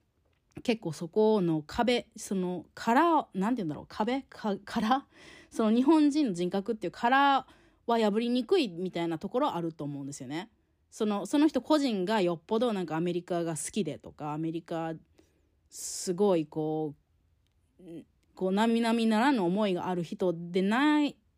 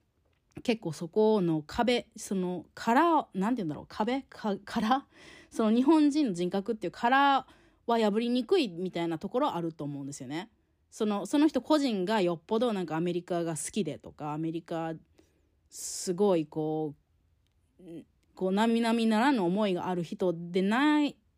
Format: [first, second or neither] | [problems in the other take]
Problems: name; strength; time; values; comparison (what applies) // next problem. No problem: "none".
neither | none